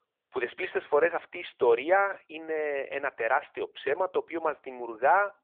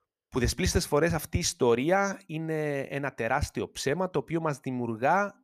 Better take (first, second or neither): second